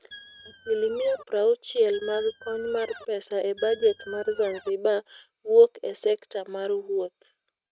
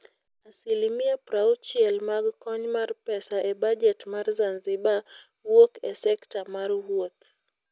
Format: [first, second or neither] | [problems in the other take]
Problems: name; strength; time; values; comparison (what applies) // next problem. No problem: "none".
second | noise reduction (neural mask model RNNoise)